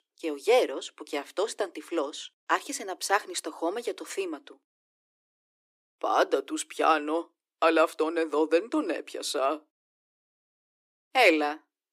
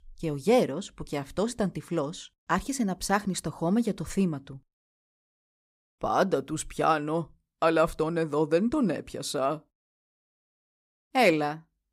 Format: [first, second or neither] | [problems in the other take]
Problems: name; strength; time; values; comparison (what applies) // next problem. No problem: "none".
second | thin; very; fading below 300 Hz